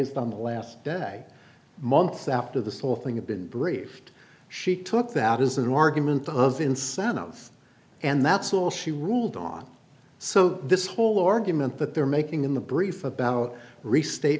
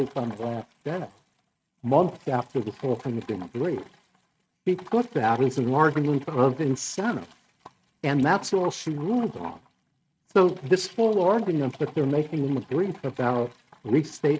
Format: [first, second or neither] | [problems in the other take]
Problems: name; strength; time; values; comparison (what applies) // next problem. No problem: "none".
first | noise reduction (neural mask model RNNoise)